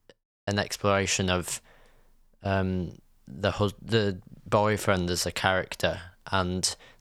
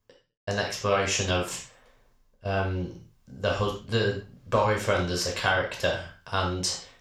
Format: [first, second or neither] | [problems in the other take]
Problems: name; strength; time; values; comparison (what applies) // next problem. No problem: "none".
first | room echo; noticeable; dies away in 0.3 s // off-mic speech; far